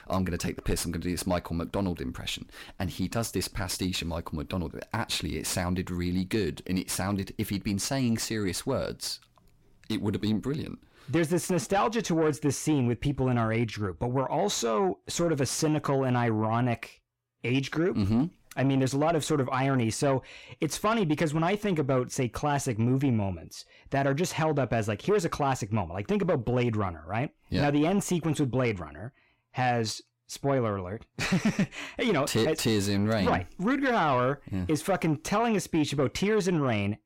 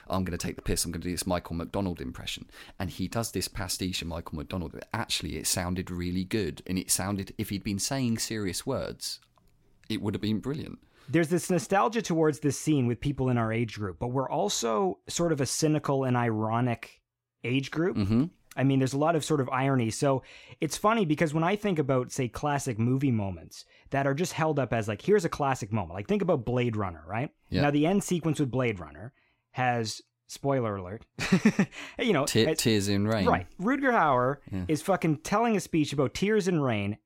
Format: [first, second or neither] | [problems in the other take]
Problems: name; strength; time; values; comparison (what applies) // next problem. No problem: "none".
second | distortion; slight; 10 dB below the speech